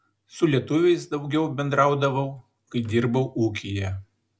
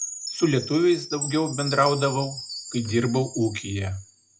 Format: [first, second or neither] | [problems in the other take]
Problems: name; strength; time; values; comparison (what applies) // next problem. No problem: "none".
first | background sound (Chime); 11 dB below the speech